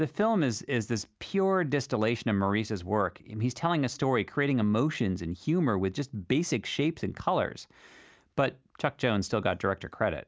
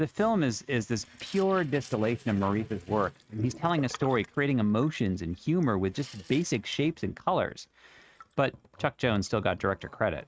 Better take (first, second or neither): first